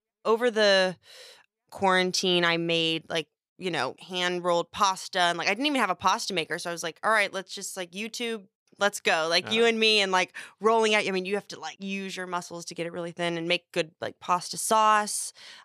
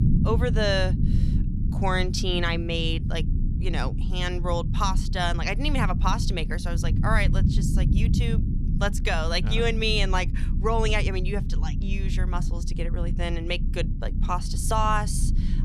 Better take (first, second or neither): first